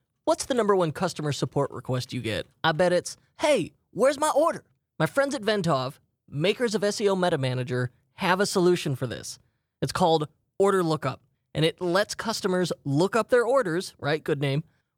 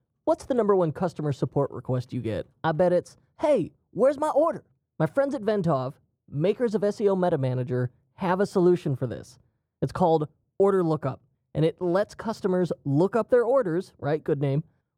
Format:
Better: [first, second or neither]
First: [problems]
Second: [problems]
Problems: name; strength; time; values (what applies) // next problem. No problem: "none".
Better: first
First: none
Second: muffled; slightly; fading above 1.5 kHz